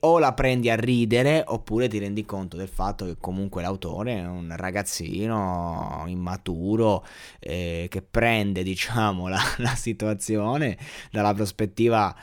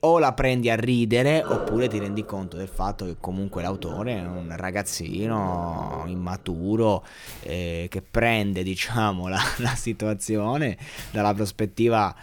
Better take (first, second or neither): first